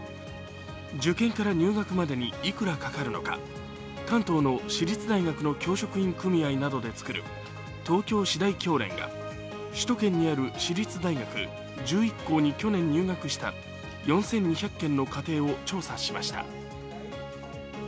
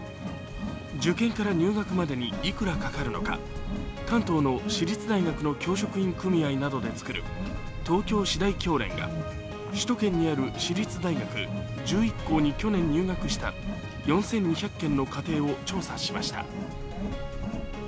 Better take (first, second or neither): first